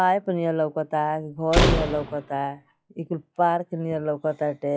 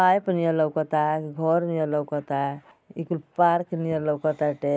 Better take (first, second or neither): second